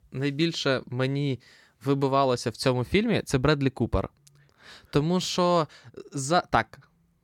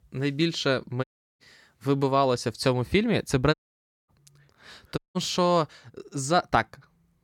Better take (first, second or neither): first